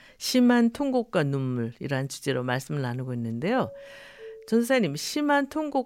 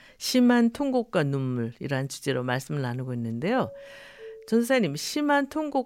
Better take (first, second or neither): neither